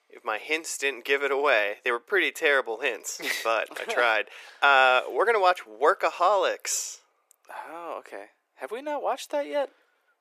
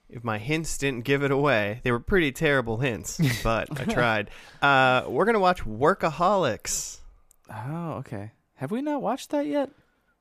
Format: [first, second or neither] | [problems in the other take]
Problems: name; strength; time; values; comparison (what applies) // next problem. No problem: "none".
second | thin; very; fading below 400 Hz